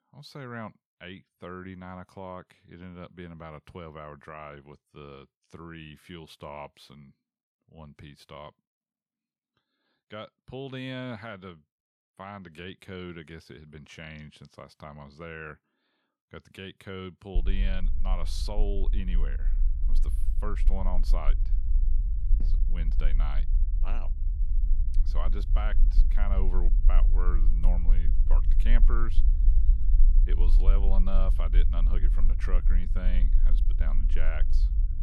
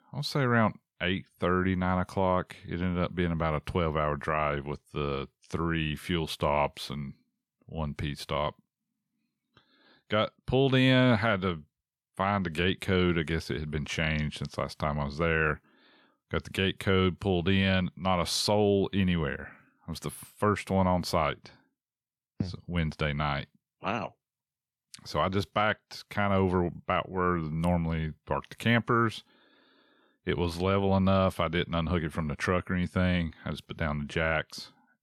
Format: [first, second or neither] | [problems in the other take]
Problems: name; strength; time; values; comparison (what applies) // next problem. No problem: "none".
second | low rumble; noticeable; from 17 s on; 10 dB below the speech